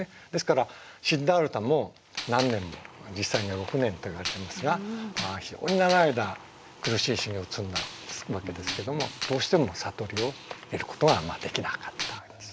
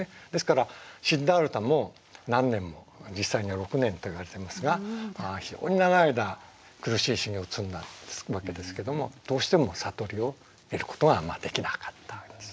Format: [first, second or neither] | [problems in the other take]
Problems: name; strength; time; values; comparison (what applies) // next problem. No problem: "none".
second | background sound (Gunshot, gunfire); 10 dB below the speech